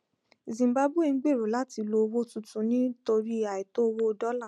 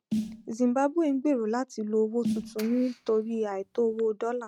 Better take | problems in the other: first | noise reduction (neural mask model RNNoise)

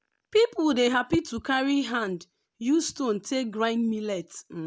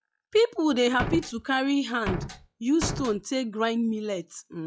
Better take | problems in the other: first | noise reduction (classical method log-MMSE)

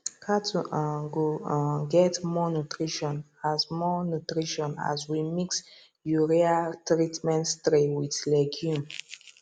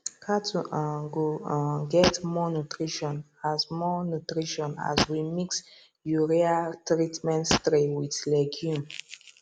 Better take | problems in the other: first | background sound (Fart); 6 dB below the speech

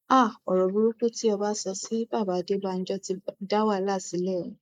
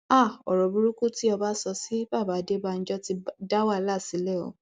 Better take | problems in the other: second | noise reduction (neural mask model Resemble Enhance denoiser)

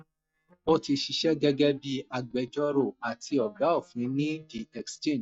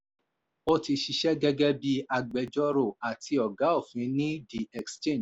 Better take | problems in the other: second | noise reduction (neural mask model DeepFilterNet 3)

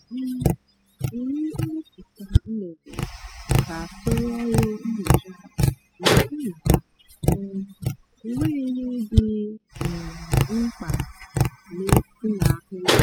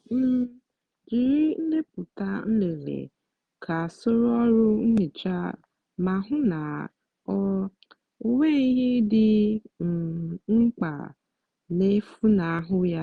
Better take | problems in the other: second | noise reduction (classical method spectral subtraction)

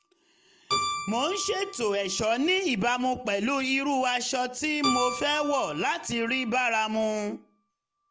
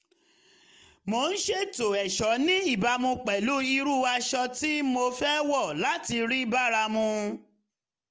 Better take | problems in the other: second | background sound (Keyboard (musical)); 9 dB below the speech

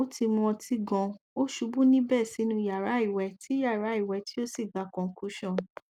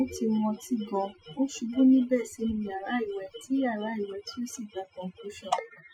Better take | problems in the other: first | noise reduction (classical method Wiener filter)

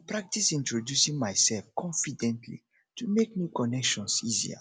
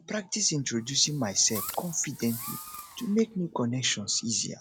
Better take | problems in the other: first | background sound (Fireworks); 13 dB below the speech

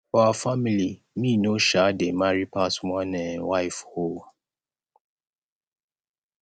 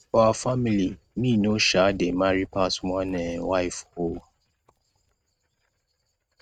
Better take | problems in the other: first | noise reduction (neural mask model RNNoise)

